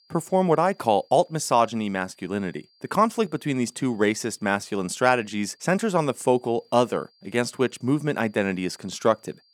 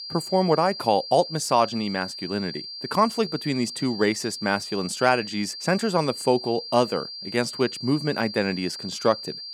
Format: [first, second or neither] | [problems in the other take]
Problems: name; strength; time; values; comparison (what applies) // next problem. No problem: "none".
first | high-pitched whine; loud; throughout; 4.5 kHz, 9 dB below the speech; faint in the first